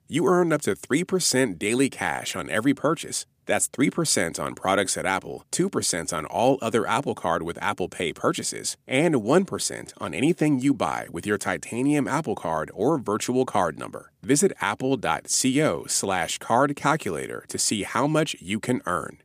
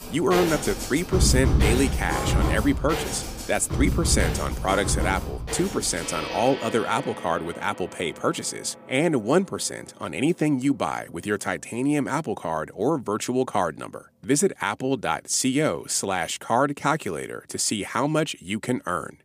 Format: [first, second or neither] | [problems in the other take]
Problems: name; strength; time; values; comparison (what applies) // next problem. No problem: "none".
first | background music; loud; throughout; 3 dB below the speech